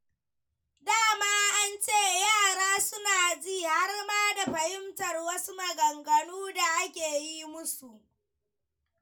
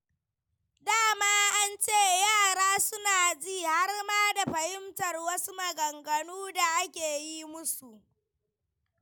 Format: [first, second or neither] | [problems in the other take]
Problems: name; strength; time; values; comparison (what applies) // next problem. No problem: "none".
second | room echo; dies away in 0.2 s